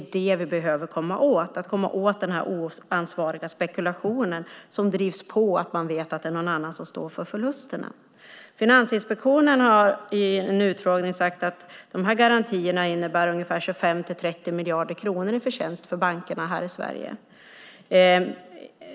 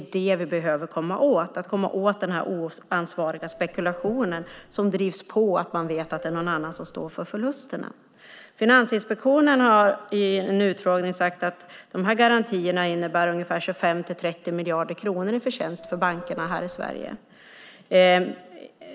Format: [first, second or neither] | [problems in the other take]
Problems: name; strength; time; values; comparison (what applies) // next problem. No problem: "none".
first | background sound (Subway, metro, underground / Doorbell); 18 dB below the speech